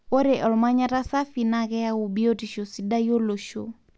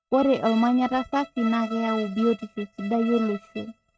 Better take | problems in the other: first | noise reduction (neural mask model RNNoise)

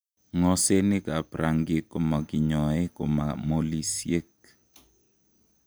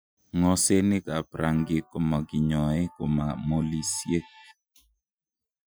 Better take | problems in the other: first | noise reduction (classical method Wiener filter)

